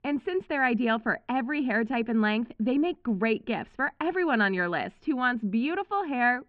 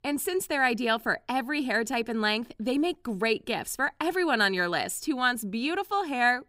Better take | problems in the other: second | muffled; very; fading above 2.5 kHz

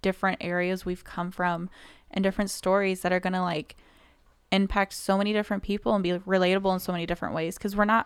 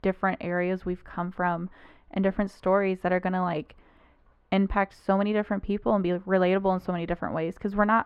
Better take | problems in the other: first | muffled; very; fading above 4 kHz

